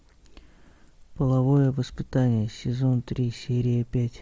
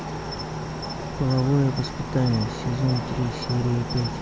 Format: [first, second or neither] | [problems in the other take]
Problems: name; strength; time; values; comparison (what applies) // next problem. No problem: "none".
first | background sound (Cricket); 5 dB below the speech